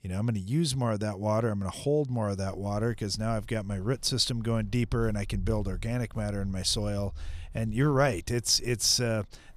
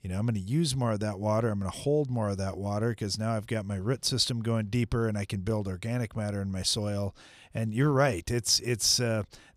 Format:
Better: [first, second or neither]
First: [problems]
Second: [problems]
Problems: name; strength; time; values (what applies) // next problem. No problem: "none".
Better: second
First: footsteps; noticeable; from 2.5 s on; peak 9 dB below the speech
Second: none